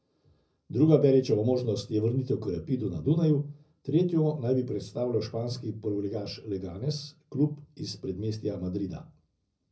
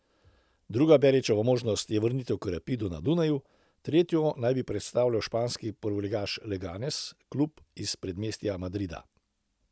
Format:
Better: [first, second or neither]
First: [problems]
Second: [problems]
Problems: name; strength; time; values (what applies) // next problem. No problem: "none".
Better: second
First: room echo; dies away in 0.4 s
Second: none